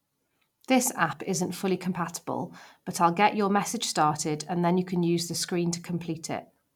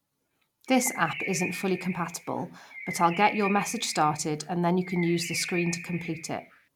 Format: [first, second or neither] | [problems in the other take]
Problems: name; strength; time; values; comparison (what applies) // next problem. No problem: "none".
first | background sound (Bird); 10 dB below the speech